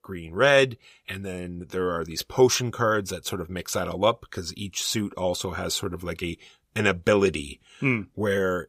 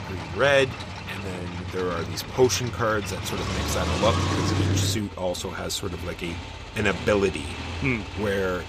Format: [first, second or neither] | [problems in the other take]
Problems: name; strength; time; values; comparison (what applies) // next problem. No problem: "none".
first | traffic noise; loud; throughout; 4 dB below the speech